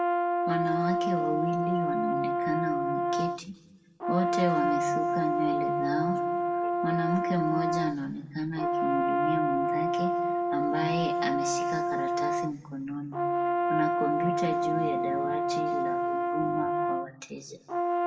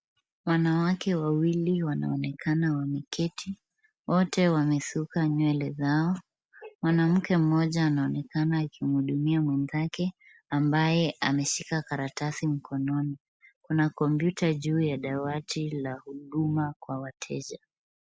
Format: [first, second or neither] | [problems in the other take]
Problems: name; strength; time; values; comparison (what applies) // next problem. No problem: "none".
second | background sound (Brass instrument); 5 dB above the speech // room echo; dies away in 1 s